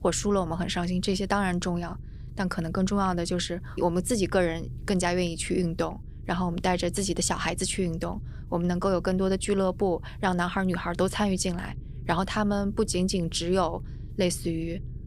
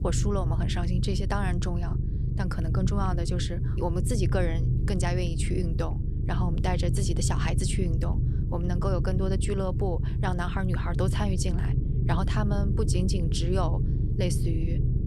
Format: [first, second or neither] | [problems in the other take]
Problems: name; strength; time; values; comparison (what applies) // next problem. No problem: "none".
first | low rumble; loud; throughout; 7 dB below the speech; faint in the first